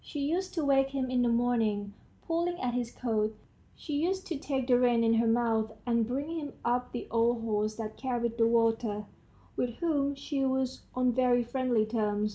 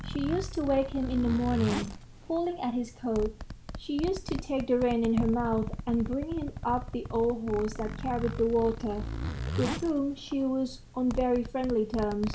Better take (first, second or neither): first